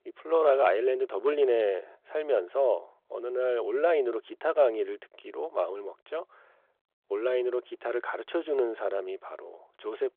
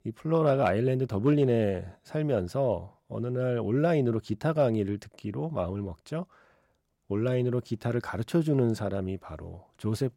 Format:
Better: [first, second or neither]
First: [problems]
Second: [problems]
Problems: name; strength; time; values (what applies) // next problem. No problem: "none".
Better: second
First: phone-call audio; nothing above 3.5 kHz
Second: none